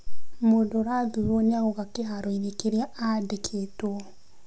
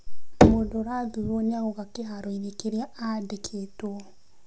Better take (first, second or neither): first